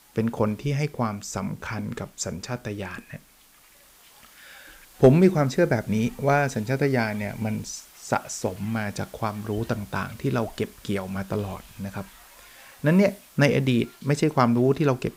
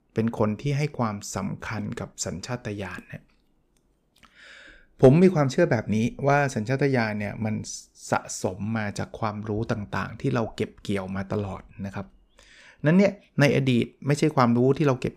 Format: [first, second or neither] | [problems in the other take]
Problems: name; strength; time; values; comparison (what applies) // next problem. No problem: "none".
second | hiss; faint; throughout; 25 dB below the speech